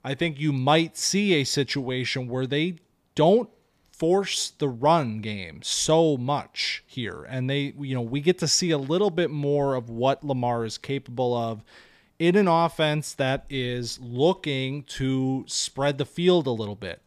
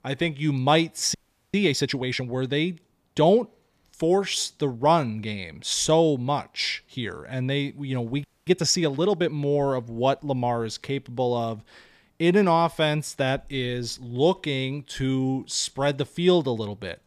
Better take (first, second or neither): first